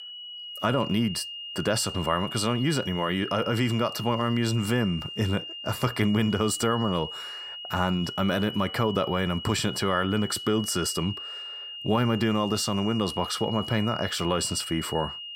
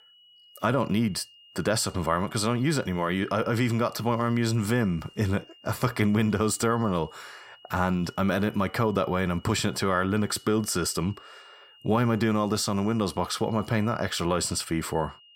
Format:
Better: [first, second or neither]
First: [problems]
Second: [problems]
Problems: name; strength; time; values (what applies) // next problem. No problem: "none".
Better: second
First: high-pitched whine; loud; throughout; 3 kHz, 8 dB below the speech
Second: high-pitched whine; faint; throughout; 3 kHz, 25 dB below the speech